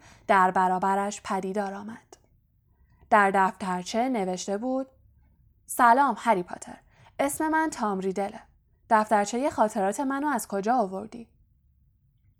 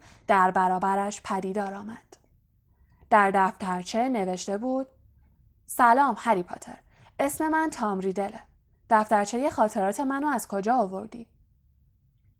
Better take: first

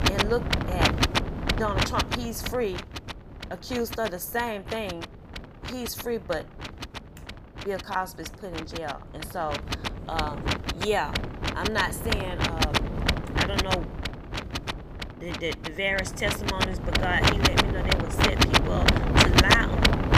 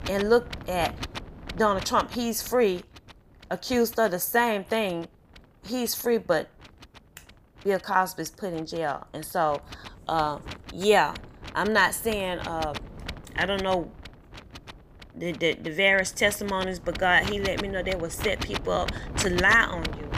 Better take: second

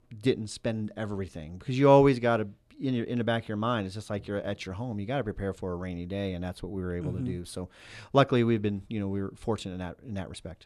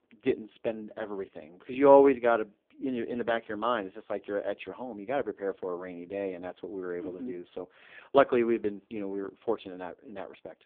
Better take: first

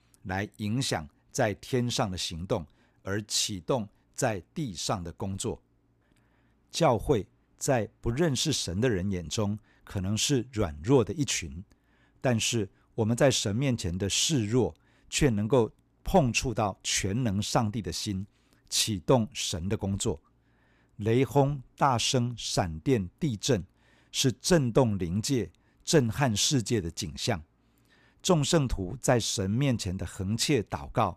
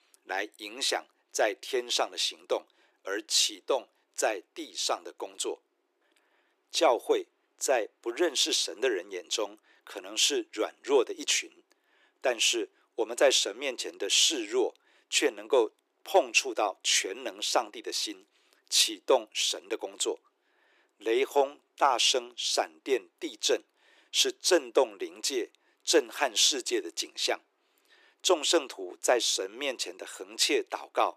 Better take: first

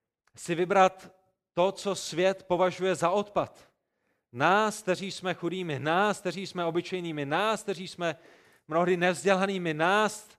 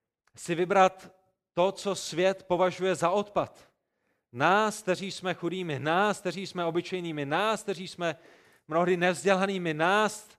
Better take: neither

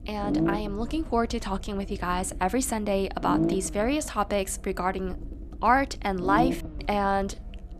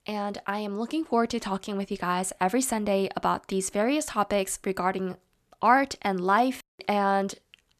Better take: second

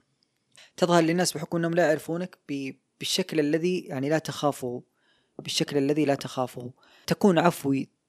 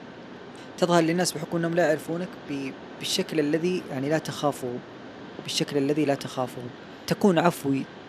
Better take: first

